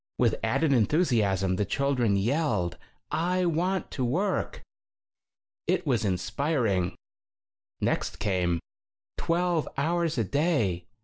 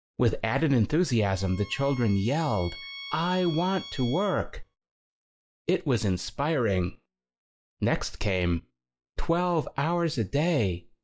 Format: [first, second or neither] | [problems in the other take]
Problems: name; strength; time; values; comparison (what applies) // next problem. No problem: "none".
first | noise reduction (classical method log-MMSE)